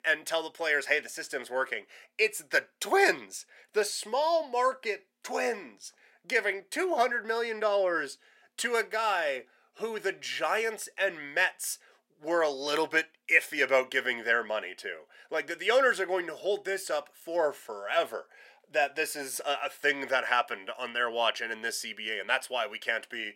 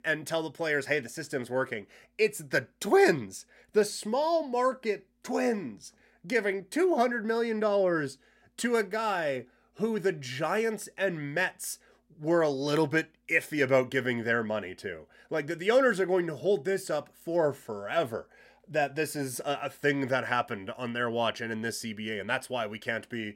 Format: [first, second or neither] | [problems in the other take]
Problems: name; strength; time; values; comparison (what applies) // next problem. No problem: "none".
second | thin; somewhat; fading below 550 Hz